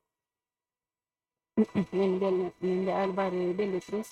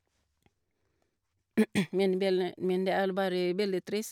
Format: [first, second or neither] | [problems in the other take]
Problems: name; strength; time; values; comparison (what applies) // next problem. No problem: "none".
second | noise reduction (neural mask model RNNoise)